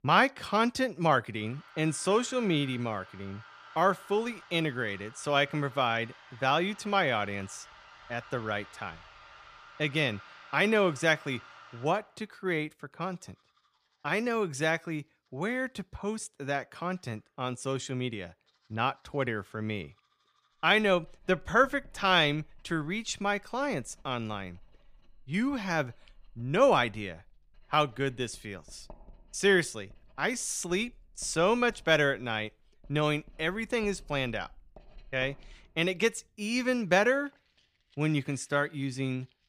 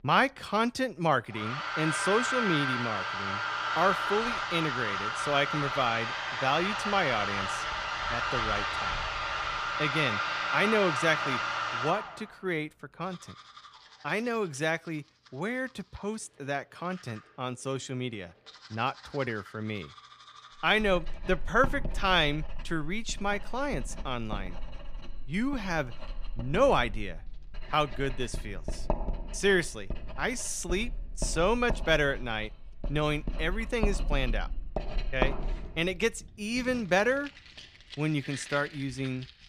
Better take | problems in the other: first | household noises; loud; throughout; 3 dB below the speech; faint in the first

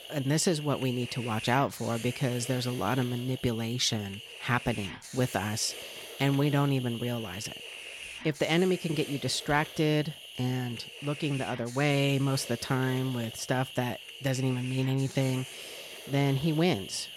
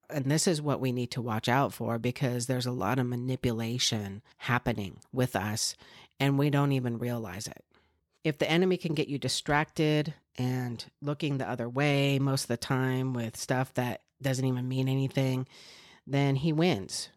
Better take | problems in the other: second | hiss; noticeable; throughout; 10 dB below the speech

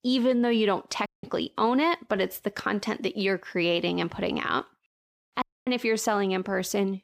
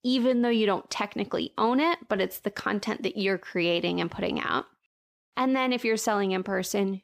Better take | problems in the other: second | audio cutting out; at 1 s and at 5.5 s

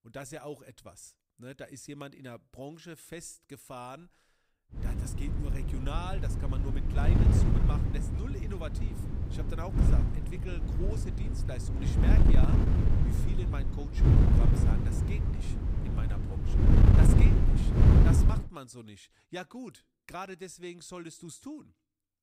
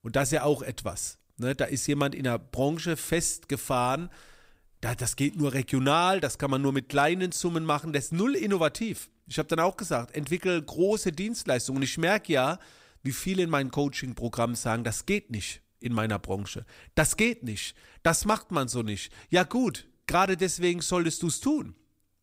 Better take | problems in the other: second | wind noise on the microphone; heavy; from 5 to 18 s; 5 dB above the speech

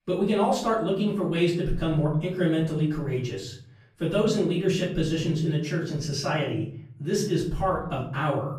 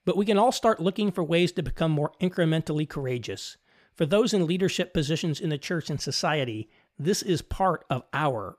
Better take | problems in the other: second | off-mic speech; far // room echo; noticeable; dies away in 0.8 s

